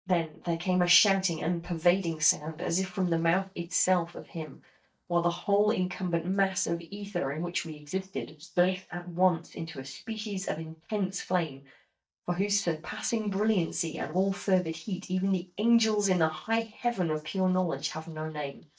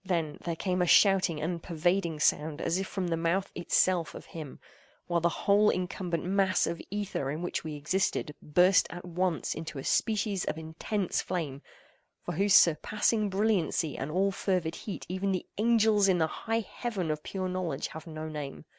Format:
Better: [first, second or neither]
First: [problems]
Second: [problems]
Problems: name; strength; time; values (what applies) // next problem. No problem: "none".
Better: second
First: noise reduction (neural mask model DeepFilterNet 3)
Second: none